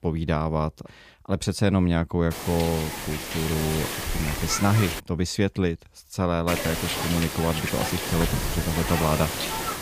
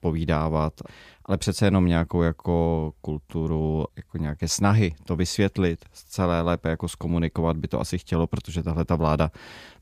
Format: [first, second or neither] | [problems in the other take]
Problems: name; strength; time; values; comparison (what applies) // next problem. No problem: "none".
second | hiss; loud; from 2.5 to 5 s and from 6.5 s on; 3 dB below the speech